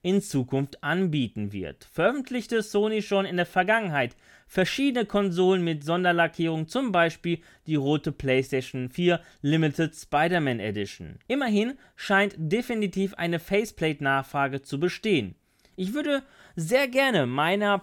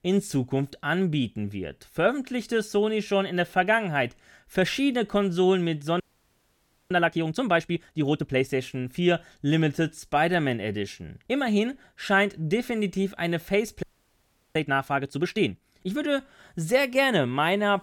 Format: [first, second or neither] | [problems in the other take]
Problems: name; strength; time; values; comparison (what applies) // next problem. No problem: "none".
first | audio freezing; at 6 s for 1 s and at 14 s for 0.5 s